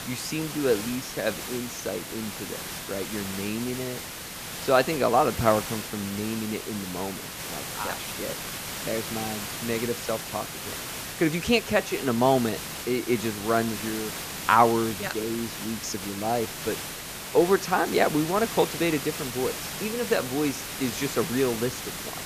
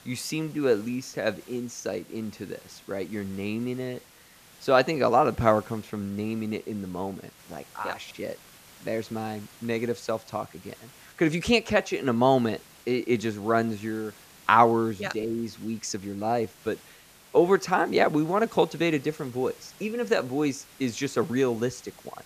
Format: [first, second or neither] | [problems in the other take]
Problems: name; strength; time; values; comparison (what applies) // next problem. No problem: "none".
second | hiss; loud; throughout; 6 dB below the speech; faint in the second